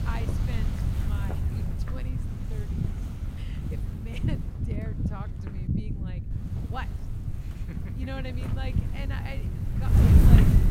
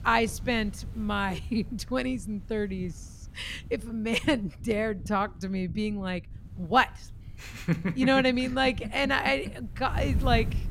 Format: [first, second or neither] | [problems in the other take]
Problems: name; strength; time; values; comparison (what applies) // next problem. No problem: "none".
second | wind noise on the microphone; heavy; 4 dB above the speech; occasional gusts in the second